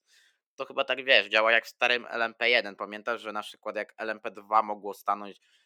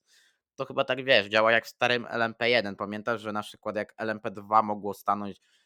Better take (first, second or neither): second